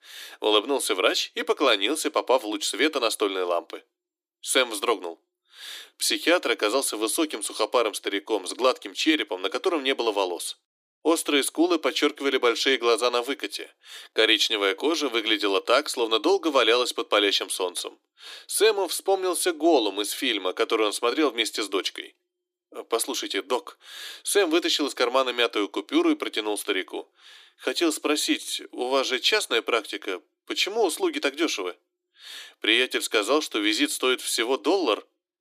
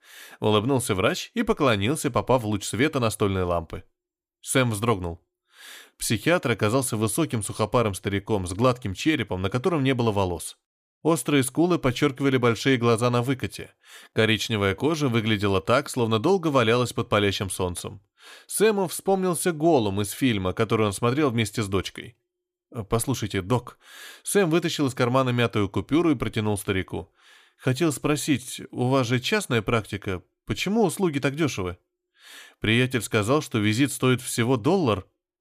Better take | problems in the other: second | thin; somewhat; fading below 300 Hz

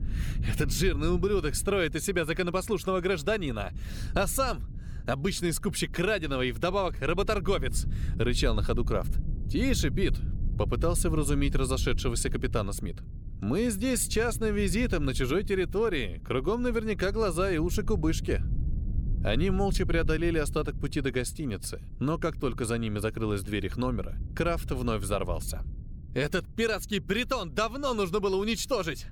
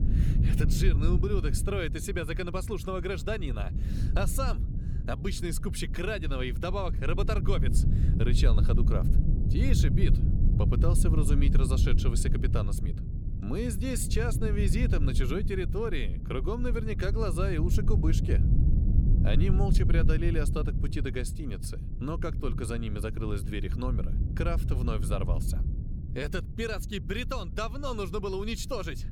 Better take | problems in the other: first | low rumble; loud; throughout; 7 dB below the speech; faint in the first

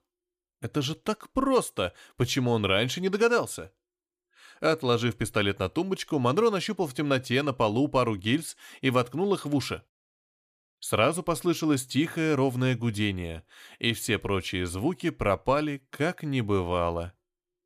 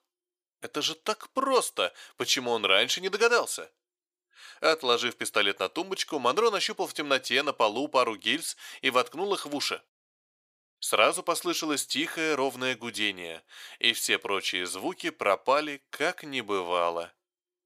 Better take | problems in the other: first | thin; somewhat; fading below 500 Hz

